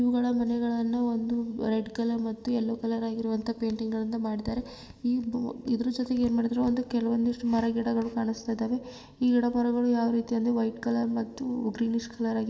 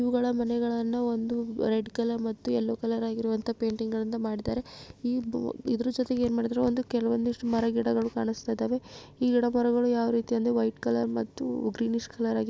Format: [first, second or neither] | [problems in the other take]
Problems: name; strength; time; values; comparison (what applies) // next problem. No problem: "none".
second | room echo; dies away in 1 s